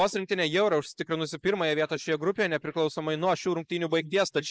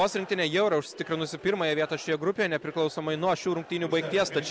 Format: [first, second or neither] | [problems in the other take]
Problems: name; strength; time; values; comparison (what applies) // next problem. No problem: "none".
second | noise reduction (neural mask model Resemble Enhance denoiser)